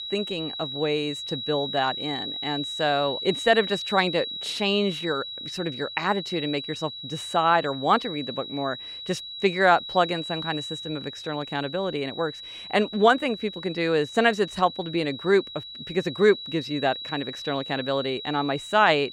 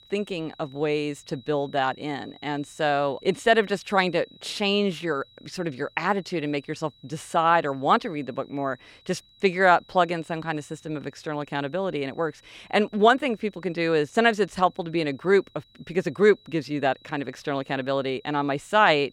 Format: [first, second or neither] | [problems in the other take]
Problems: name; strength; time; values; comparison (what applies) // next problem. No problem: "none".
second | high-pitched whine; loud; throughout; 4 kHz, 8 dB below the speech; faint in the second